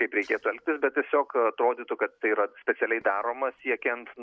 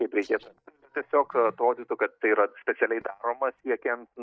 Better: first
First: none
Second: noise reduction (neural mask model DeepFilterNet 3)

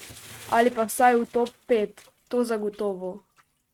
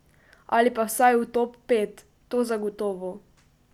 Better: second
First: noise reduction (neural mask model RNNoise)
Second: none

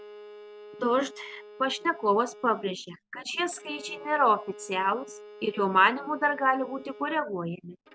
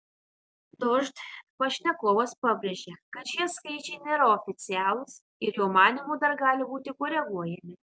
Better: second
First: background sound (Bowed string instrument); 19 dB below the speech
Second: none

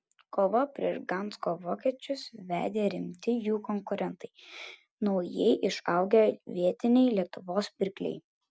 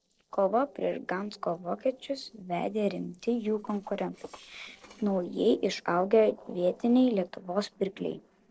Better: first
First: none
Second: noise reduction (neural separator model SepFormer DNS4)

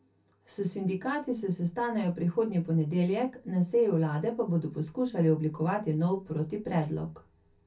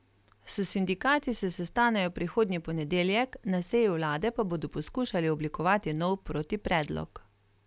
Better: second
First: room echo; dies away in 0.3 s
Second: none

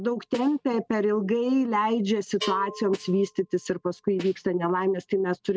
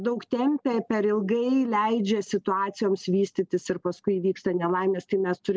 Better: second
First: noise reduction (neural mask model RNNoise)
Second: none

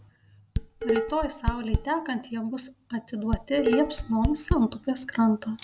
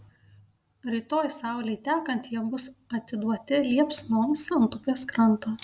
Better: second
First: background sound (Dishes, pots, and pans); 1 dB below the speech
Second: none

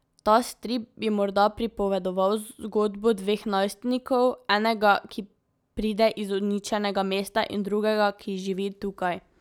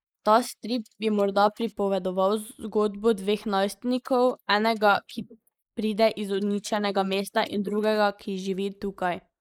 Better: first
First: none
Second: noise reduction (neural mask model Resemble Enhance denoiser)

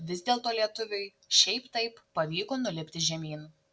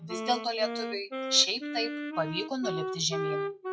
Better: first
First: none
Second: noise reduction (classical method log-MMSE)

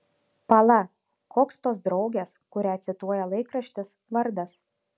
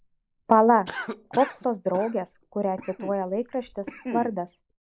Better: first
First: none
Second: noise reduction (neural mask model Resemble Enhance denoiser)

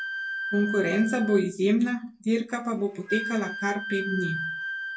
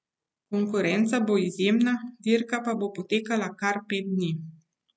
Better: second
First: background sound (Wind instrument, woodwind instrument); 7 dB below the speech // room echo; dies away in 0.2 s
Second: none

